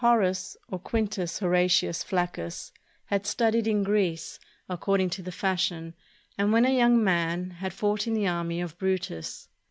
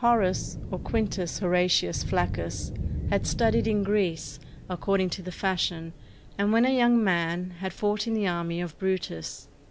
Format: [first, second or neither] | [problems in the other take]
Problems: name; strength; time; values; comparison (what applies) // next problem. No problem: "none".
first | background sound (Thunder / Rain); 9 dB below the speech